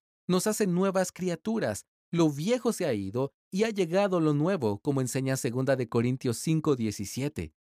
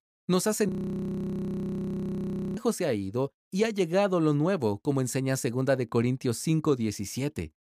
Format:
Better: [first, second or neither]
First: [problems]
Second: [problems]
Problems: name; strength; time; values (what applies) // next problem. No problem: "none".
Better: first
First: none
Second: audio freezing; at 0.5 s for 2 s